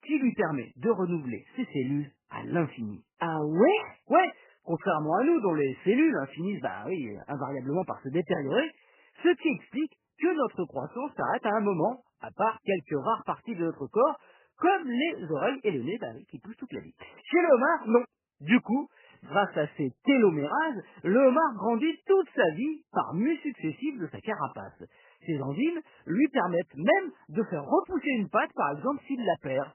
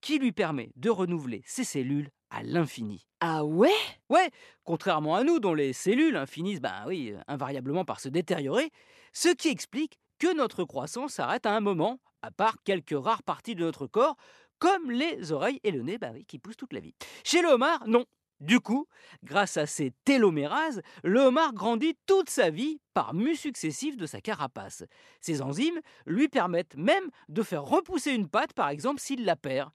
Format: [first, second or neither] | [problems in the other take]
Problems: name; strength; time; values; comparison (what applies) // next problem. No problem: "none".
second | garbled, watery; badly; nothing above 3 kHz